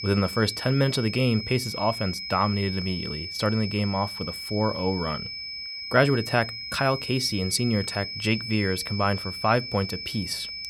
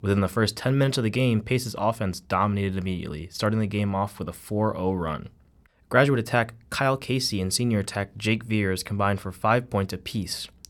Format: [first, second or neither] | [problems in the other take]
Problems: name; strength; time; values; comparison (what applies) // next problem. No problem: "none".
second | high-pitched whine; loud; throughout; 5 kHz, 7 dB below the speech